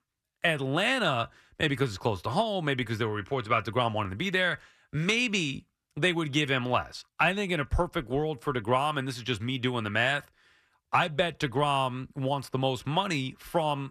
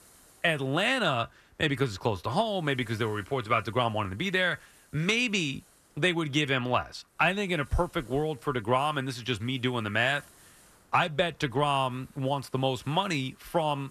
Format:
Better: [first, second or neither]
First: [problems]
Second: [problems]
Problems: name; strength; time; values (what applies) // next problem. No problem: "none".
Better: first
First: none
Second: hiss; faint; throughout; 30 dB below the speech